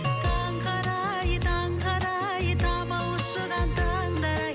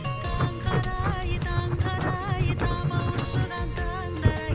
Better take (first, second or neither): first